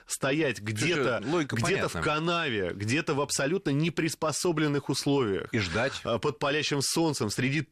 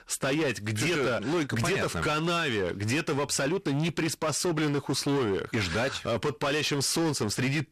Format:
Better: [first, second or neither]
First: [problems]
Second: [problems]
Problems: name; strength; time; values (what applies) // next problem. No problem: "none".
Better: first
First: none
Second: distortion; slight; 22% of the sound clipped